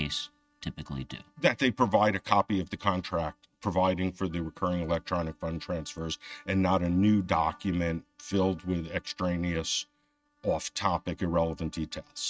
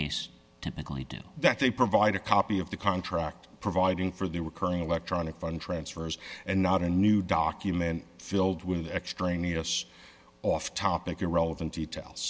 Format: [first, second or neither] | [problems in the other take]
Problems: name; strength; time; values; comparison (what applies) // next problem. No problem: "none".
second | noise reduction (neural mask model RNNoise)